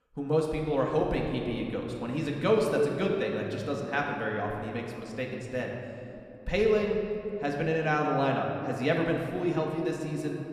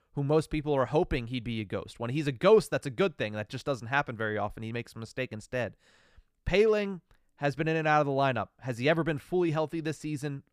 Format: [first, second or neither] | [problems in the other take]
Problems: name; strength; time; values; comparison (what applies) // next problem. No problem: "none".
second | room echo; noticeable; dies away in 2.5 s // off-mic speech; somewhat distant